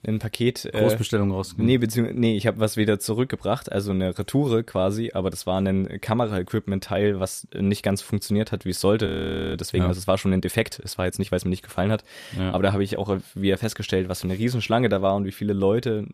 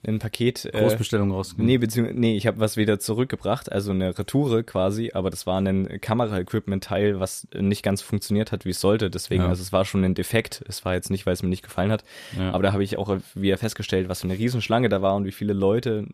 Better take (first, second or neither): second